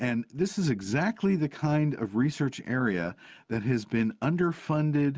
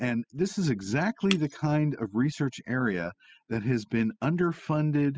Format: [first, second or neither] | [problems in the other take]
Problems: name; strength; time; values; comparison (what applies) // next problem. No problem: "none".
first | noise reduction (classical method spectral subtraction)